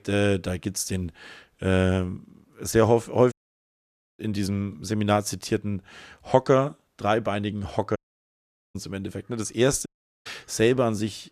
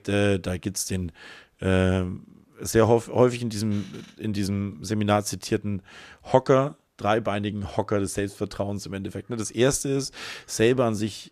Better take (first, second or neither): second